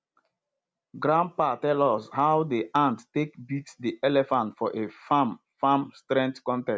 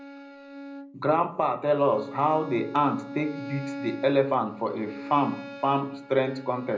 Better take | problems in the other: first | background sound (Bowed string instrument); 13 dB below the speech // room echo; dies away in 0.5 s

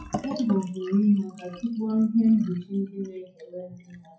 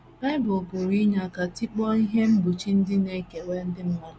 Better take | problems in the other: second | noise reduction (classical method WPE with log-MMSE)

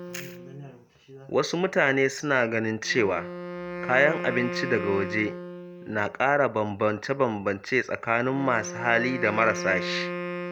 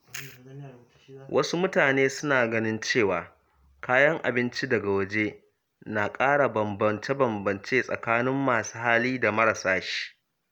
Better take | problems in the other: second | background sound (Wind instrument, woodwind instrument); 10 dB below the speech

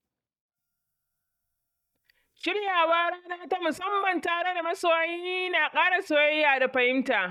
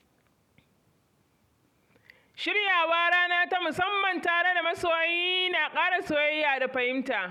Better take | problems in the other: second | noise reduction (neural mask model DeepFilterNet 3)

